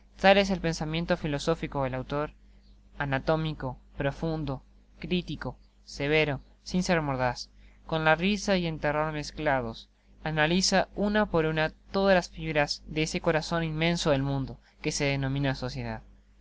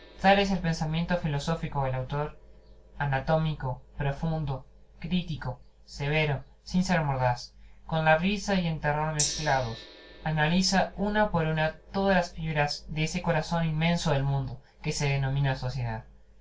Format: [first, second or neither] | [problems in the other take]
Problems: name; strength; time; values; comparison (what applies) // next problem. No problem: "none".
first | background sound (Gong); 18 dB below the speech // room echo; dies away in 0.2 s